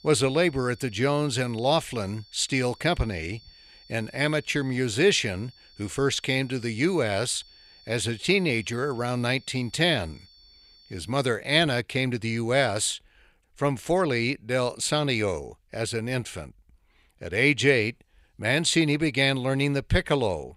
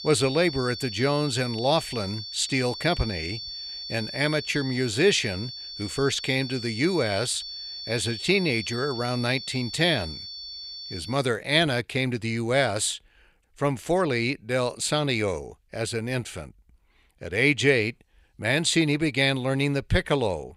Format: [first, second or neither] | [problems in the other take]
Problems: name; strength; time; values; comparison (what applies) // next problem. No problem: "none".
first | high-pitched whine; loud; until 11 s; 4.5 kHz, 9 dB below the speech; faint in the first